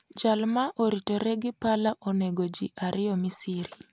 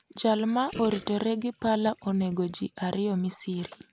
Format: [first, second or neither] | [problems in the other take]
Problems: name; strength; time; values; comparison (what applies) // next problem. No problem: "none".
first | background sound (Gurgling); 19 dB below the speech